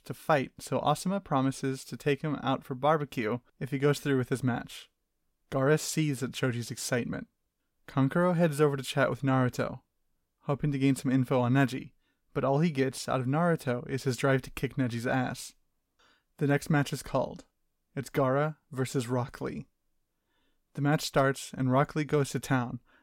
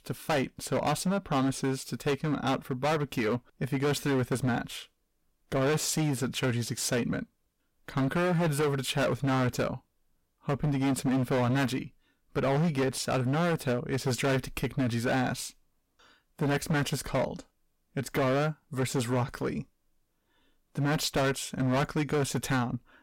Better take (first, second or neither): first